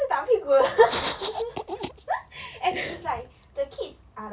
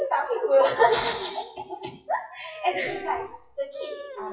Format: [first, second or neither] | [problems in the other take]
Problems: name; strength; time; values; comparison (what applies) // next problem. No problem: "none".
first | noise reduction (classical method WPE with log-MMSE)